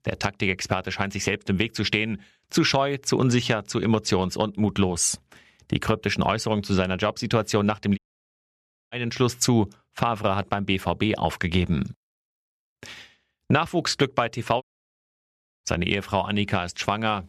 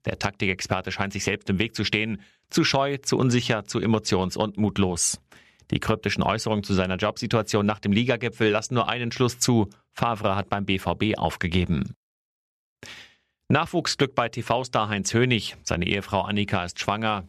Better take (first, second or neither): second